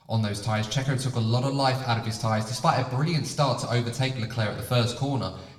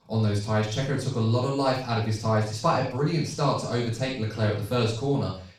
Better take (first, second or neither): first